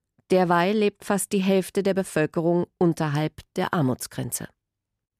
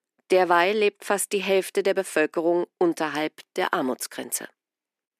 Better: first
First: none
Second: thin; somewhat; fading below 300 Hz

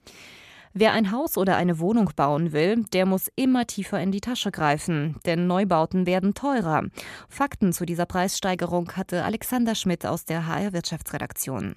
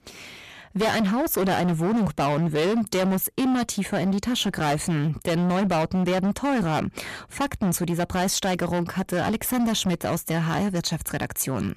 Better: first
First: none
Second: distortion; heavy; 21% of the sound clipped

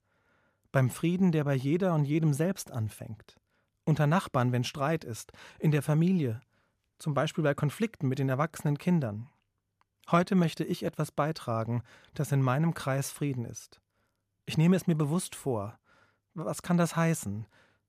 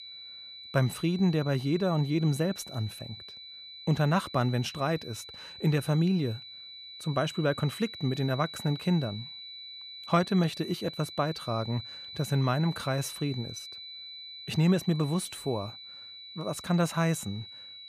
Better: first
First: none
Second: high-pitched whine; noticeable; throughout; 4 kHz, 10 dB below the speech

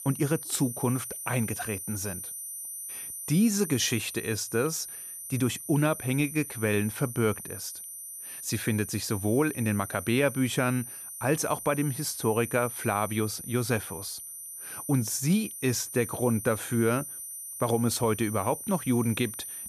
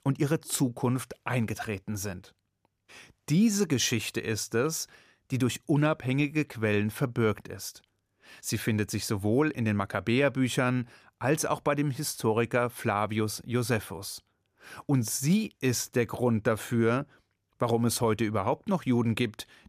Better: second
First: high-pitched whine; loud; throughout; 9.5 kHz, 9 dB below the speech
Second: none

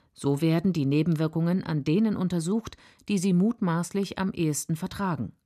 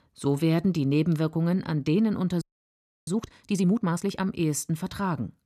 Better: first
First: none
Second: audio freezing; at 2.5 s for 0.5 s

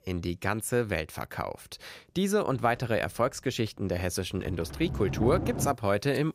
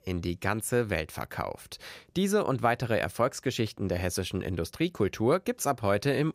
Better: second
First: household noises; loud; from 2.5 s on; 5 dB below the speech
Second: none

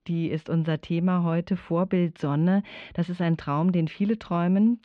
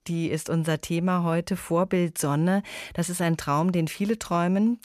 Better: second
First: muffled; slightly; fading above 3.5 kHz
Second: none

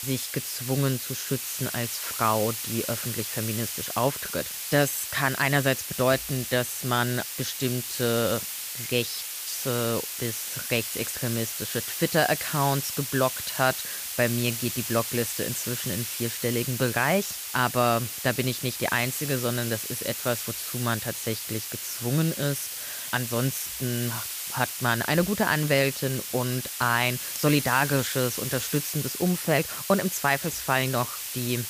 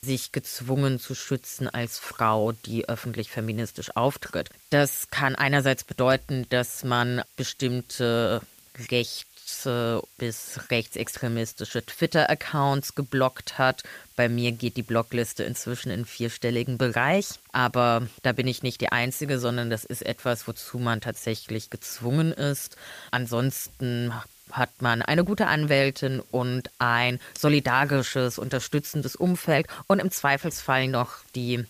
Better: second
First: hiss; loud; throughout; 4 dB below the speech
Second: hiss; faint; throughout; 25 dB below the speech

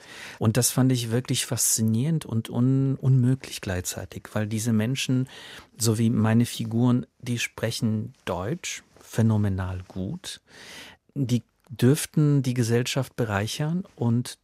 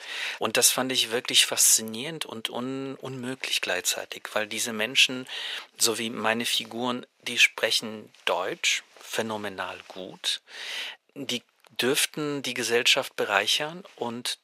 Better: first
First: none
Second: thin; very; fading below 600 Hz

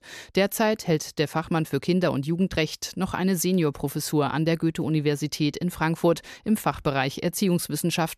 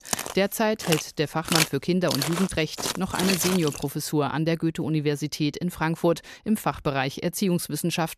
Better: first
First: none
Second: footsteps; loud; until 4 s; peak 3 dB above the speech

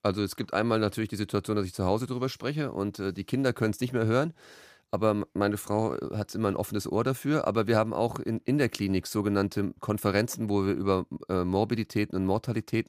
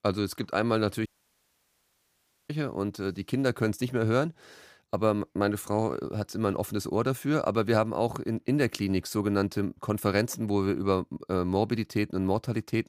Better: first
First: none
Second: audio cutting out; at 1 s for 1.5 s

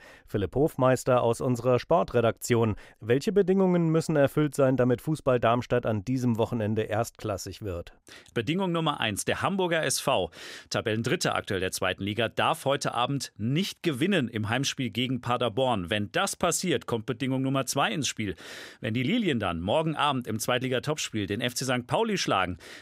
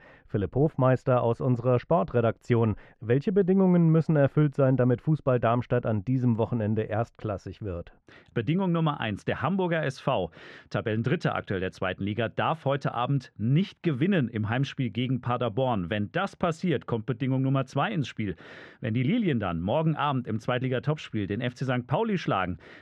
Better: first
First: none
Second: muffled; very; fading above 2.5 kHz

